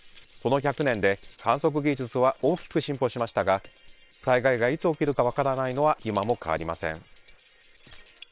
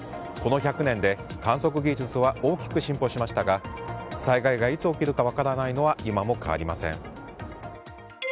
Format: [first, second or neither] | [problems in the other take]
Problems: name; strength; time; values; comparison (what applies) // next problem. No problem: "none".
second | noise reduction (neural separator model SepFormer WHAM!)